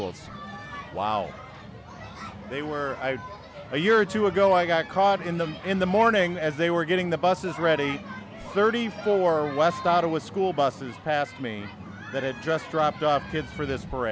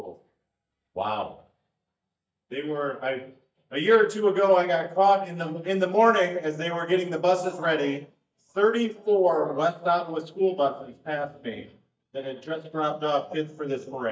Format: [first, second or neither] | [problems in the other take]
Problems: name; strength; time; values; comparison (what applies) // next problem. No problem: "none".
first | noise reduction (neural mask model DeepFilterNet 3)